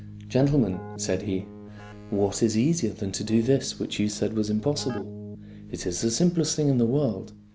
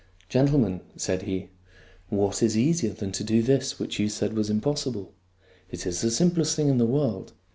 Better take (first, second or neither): second